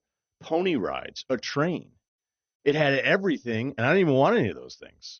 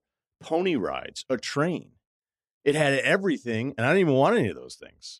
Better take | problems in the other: second | garbled, watery; slightly; nothing above 6 kHz

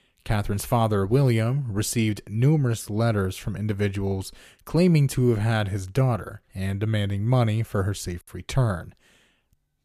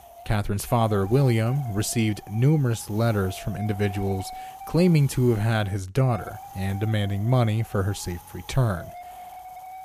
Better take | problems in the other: first | wind noise on the microphone; occasional gusts; 10 dB below the speech

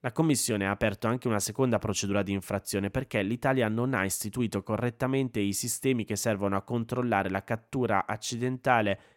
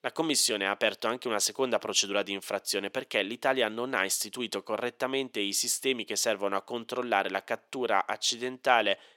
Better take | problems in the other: first | thin; somewhat; fading below 450 Hz

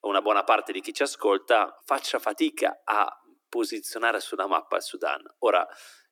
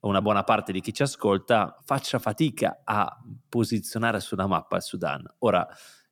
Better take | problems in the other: second | thin; somewhat; fading below 300 Hz

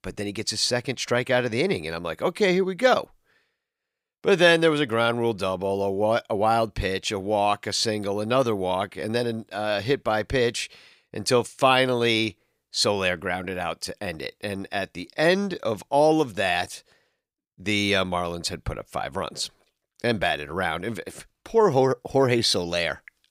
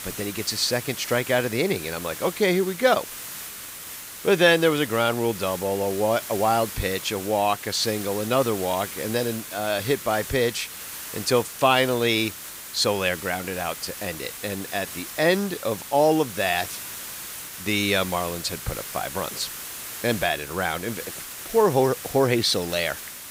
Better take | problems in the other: first | hiss; loud; throughout; 10 dB below the speech

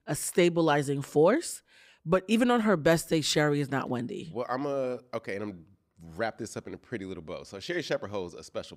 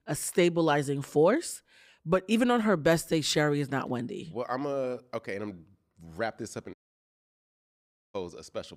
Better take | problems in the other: first | audio cutting out; at 6.5 s for 1.5 s

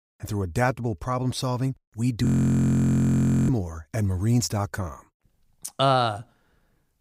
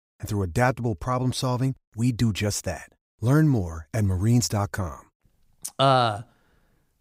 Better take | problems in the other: second | audio freezing; at 2.5 s for 1 s

